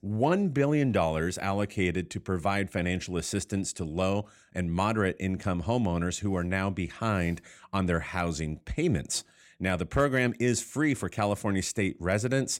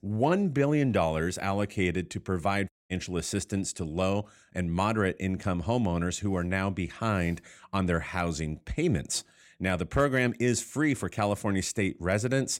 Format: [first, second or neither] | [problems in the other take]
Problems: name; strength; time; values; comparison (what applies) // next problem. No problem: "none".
first | audio cutting out; at 2.5 s